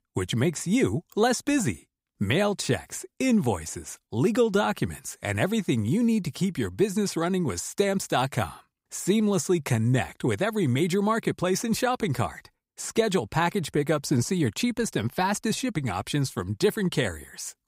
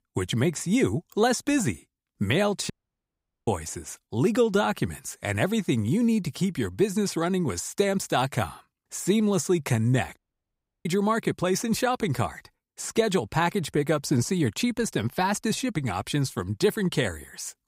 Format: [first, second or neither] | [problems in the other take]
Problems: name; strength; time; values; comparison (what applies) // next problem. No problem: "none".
first | audio cutting out; at 2.5 s for 1 s and at 10 s for 0.5 s